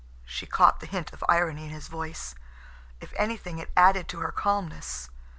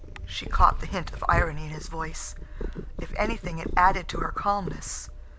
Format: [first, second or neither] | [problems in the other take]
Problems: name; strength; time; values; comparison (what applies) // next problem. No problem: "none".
first | background sound (Purr); 3 dB below the speech